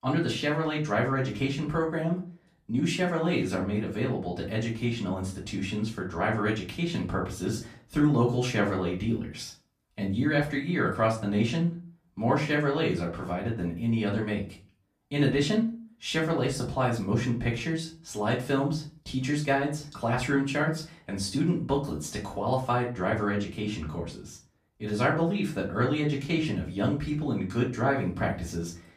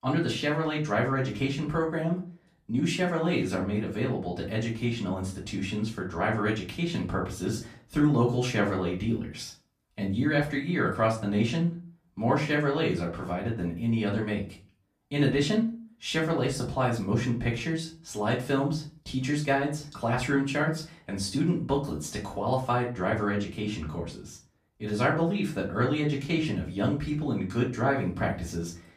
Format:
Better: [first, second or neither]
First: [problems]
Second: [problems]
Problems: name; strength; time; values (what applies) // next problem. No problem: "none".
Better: neither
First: off-mic speech; far // room echo; slight; dies away in 0.3 s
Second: off-mic speech; far // room echo; slight; dies away in 0.3 s